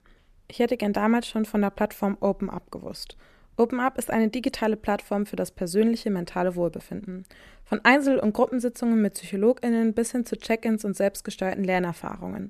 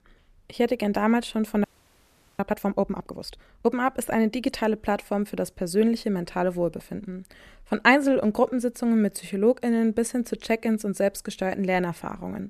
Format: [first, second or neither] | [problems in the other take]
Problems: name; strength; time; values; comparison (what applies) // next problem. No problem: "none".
first | audio freezing; at 1.5 s for 1 s